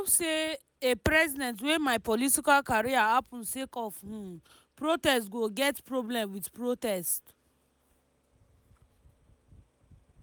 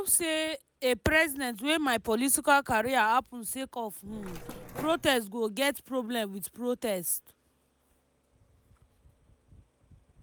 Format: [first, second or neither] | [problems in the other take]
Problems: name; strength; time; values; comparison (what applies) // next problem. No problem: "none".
first | background sound (Mechanisms); 13 dB below the speech